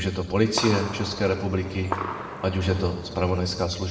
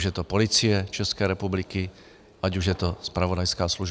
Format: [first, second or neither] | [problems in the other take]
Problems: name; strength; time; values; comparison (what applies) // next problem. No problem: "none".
second | background sound (Gunshot, gunfire); 9 dB below the speech // room echo; dies away in 1 s